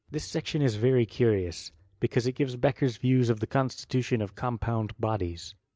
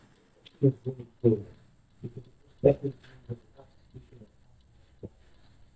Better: first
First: none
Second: noise reduction (neural mask model DeepFilterNet 3)

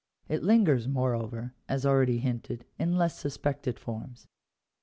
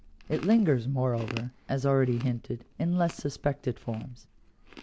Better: first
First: none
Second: background sound (Chewing, mastication); 18 dB below the speech

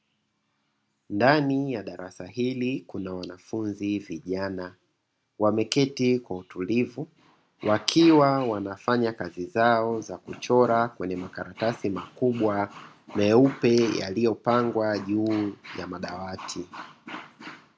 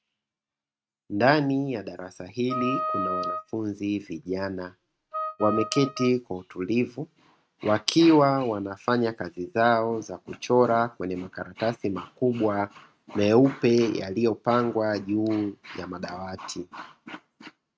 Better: first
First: none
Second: noise reduction (neural mask model RNNoise)

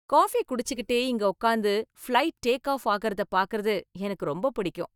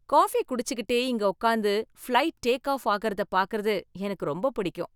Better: second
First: noise reduction (neural mask model DeepFilterNet 3)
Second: none

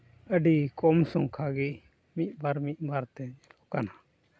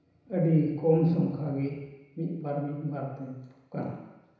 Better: first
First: none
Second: room echo; dies away in 1 s

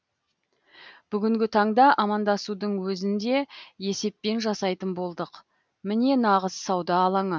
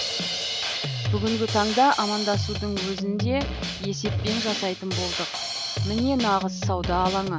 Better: first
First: none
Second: background sound (Drum kit); 2 dB below the speech

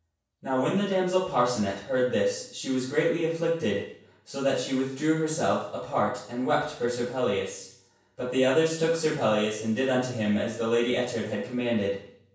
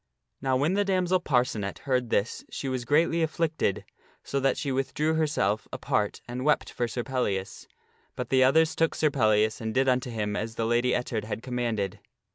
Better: second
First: room echo; dies away in 0.7 s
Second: none

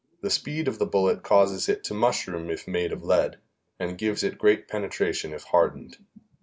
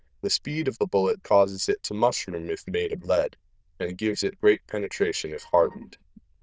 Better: first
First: none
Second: noise reduction (neural diffusion model UNIVERSE++)

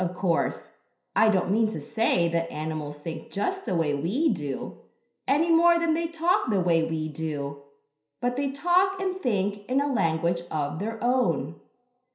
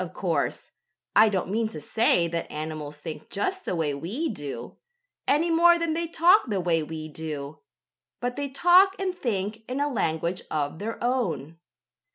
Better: second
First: room echo; dies away in 0.5 s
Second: none

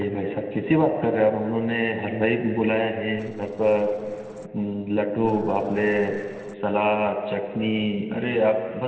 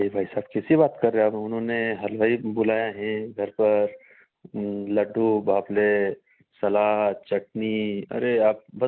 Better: second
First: noise reduction (neural separator model SepFormer DNS4)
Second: none

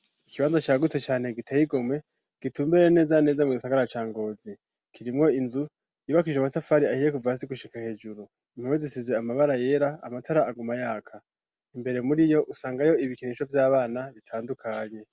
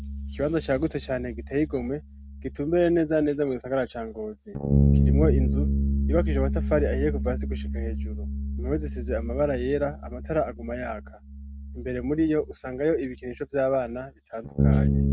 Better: first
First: none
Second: noise reduction (neural mask model RNNoise)

